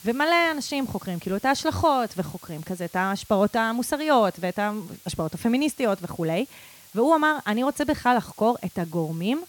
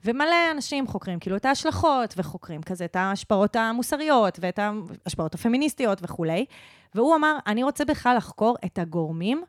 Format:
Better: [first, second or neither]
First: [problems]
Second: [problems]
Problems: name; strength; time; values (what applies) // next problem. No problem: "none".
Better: second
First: hiss; faint; throughout; 20 dB below the speech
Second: none